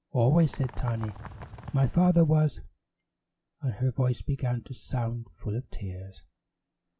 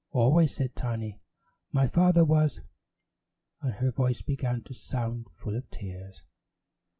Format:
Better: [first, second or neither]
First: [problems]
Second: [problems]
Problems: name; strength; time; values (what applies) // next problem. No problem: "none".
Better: second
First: background sound (Bird); 15 dB below the speech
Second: none